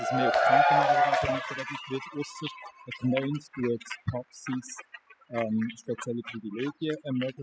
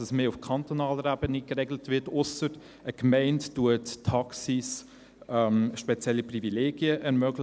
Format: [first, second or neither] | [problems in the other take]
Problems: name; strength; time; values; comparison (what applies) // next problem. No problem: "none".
second | noise reduction (classical method spectral subtraction)